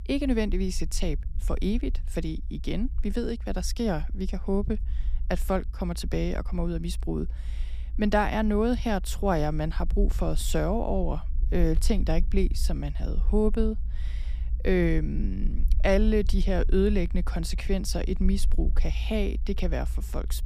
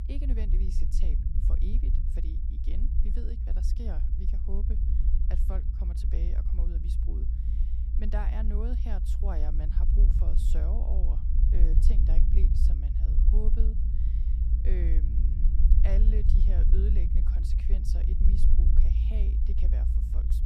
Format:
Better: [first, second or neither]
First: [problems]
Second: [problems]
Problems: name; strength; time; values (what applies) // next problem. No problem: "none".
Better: first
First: low rumble; faint; throughout; 25 dB below the speech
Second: low rumble; loud; throughout; 1 dB below the speech